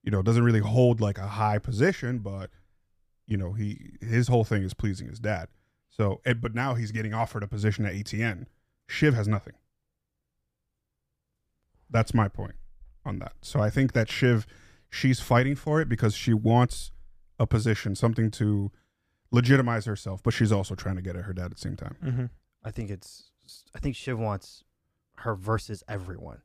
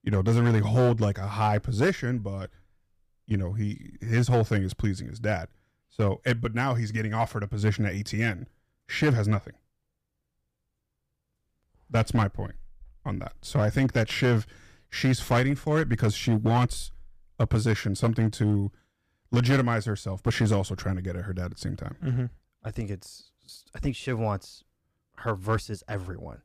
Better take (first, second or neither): first